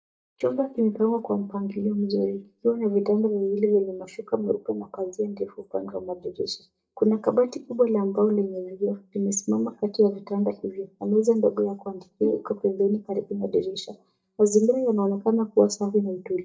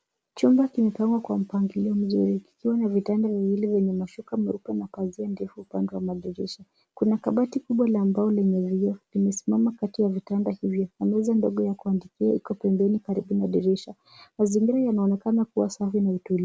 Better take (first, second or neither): second